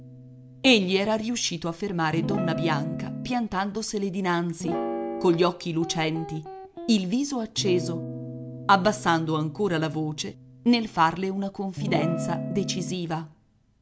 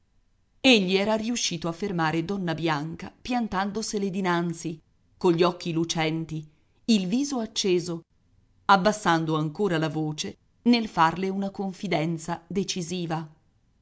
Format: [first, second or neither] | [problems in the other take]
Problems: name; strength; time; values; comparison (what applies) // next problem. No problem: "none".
second | background sound (Guitar); 9 dB below the speech